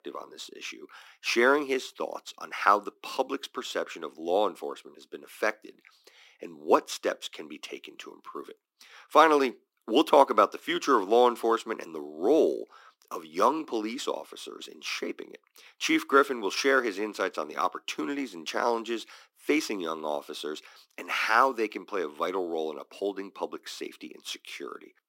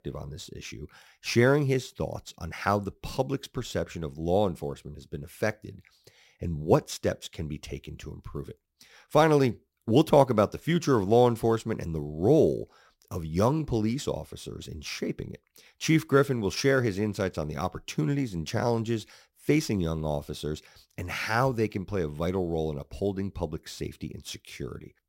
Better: second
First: thin; somewhat; fading below 250 Hz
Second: none

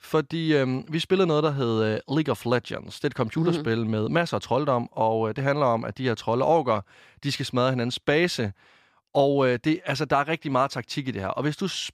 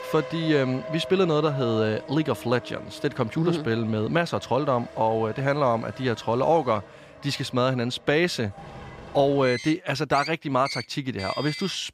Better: first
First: none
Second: traffic noise; noticeable; throughout; 15 dB below the speech

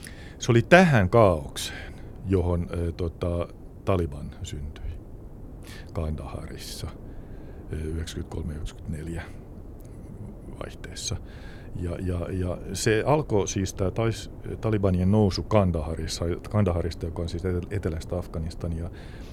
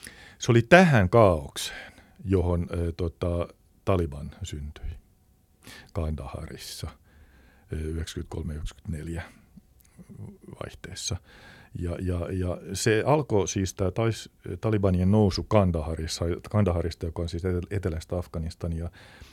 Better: second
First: wind noise on the microphone; occasional gusts; 25 dB below the speech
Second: none

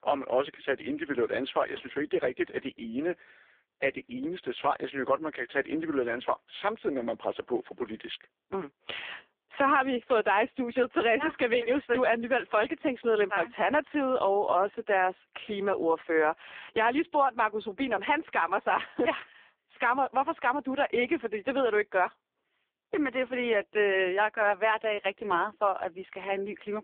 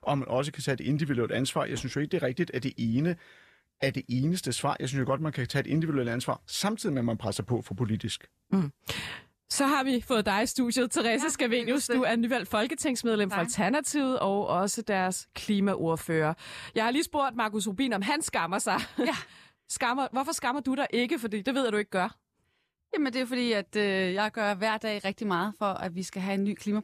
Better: second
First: phone-call audio; poor line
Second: none

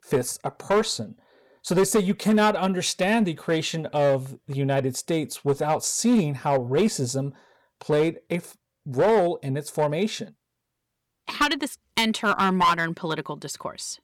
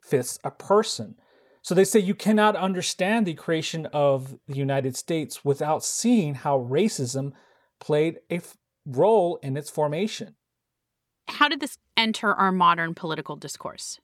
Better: second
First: distortion; slight; 4% of the sound clipped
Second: none

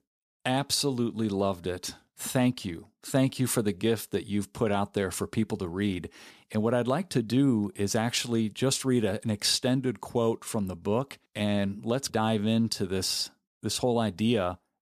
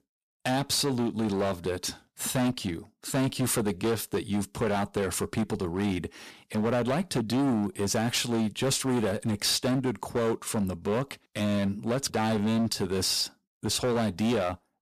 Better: first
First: none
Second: distortion; heavy; 16% of the sound clipped

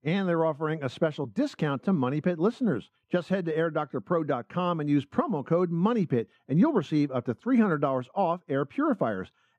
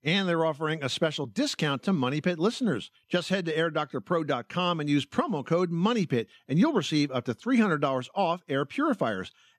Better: second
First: muffled; slightly; fading above 2 kHz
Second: none

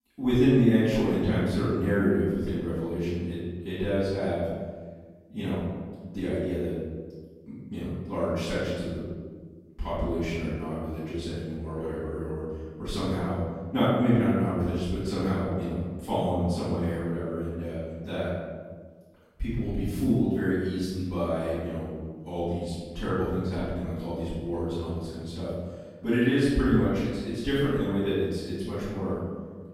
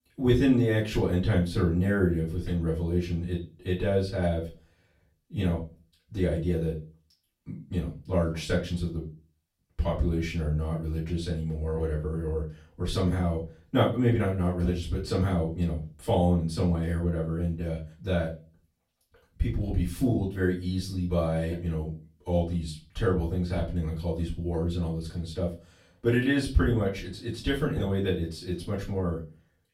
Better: second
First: room echo; strong; dies away in 1.4 s // off-mic speech; far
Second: room echo; slight; dies away in 0.3 s // off-mic speech; far

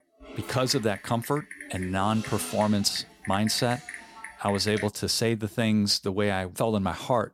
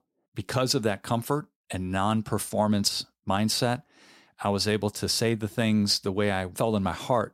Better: second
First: keyboard typing; faint; until 5 s; peak 10 dB below the speech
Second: none

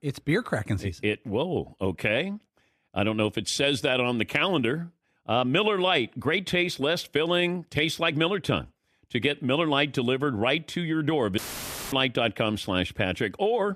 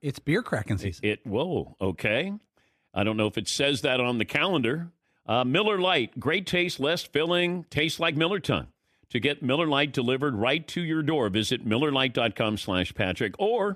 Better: second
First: audio cutting out; filled with static; at 11 s for 0.5 s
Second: none

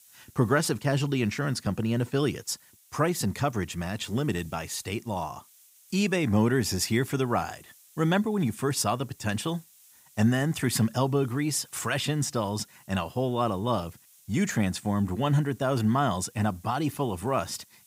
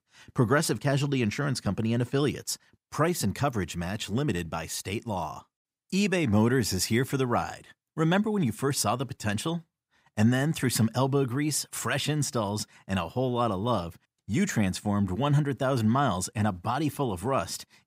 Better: second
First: hiss; faint; throughout; 25 dB below the speech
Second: none

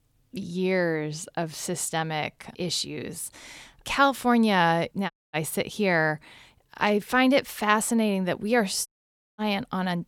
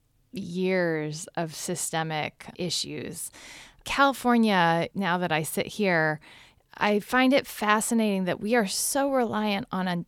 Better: second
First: audio cutting out; at 5 s and at 9 s for 0.5 s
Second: none

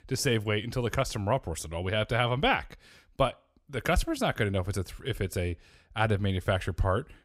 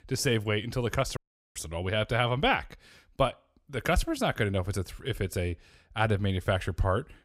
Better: first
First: none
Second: audio cutting out; at 1 s

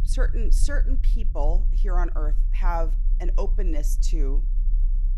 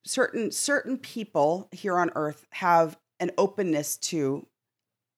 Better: second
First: low rumble; noticeable; throughout; 15 dB below the speech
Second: none

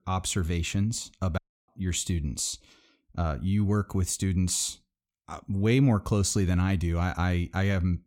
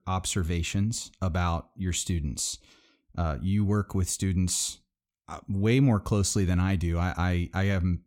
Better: second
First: audio cutting out; at 1.5 s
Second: none

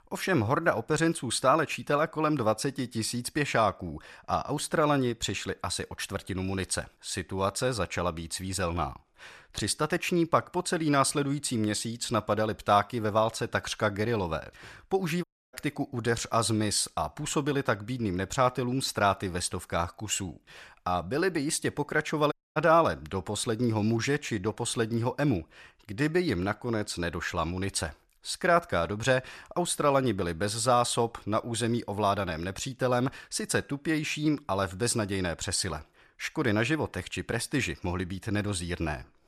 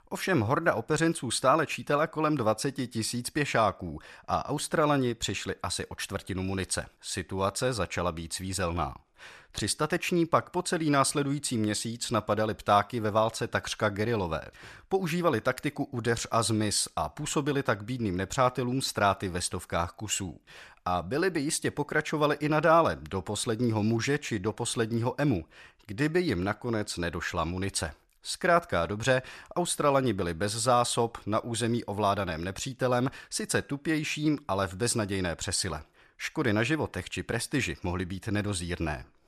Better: second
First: audio cutting out; at 15 s and at 22 s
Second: none

